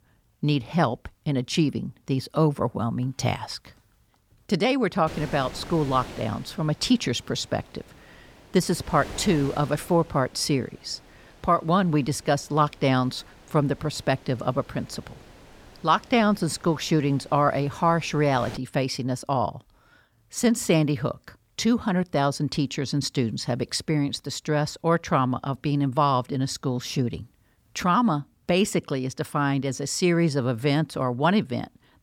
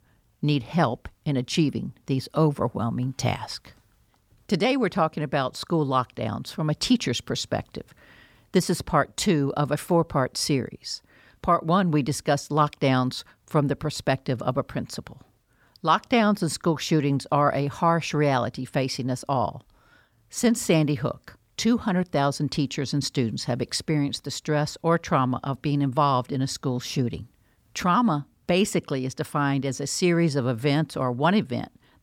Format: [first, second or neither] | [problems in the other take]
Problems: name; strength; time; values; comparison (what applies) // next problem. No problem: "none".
second | wind noise on the microphone; occasional gusts; from 5 to 19 s; 20 dB below the speech